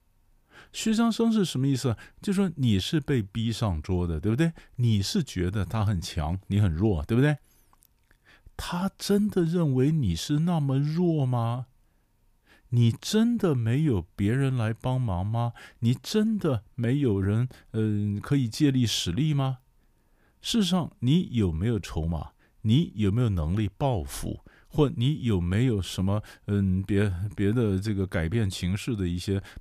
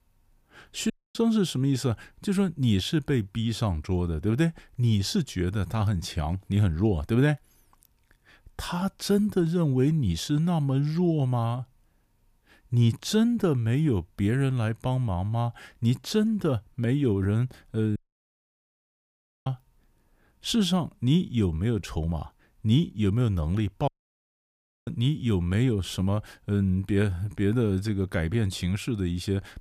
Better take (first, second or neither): first